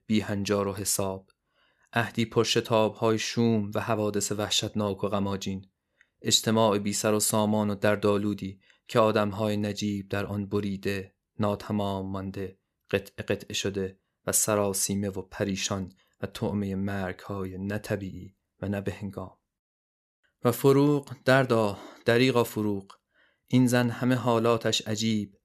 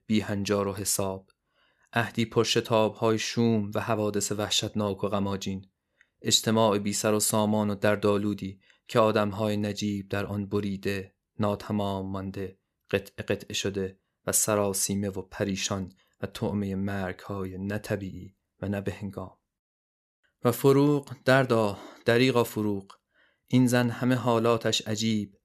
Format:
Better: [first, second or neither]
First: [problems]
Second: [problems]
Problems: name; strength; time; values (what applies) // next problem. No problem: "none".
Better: neither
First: none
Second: none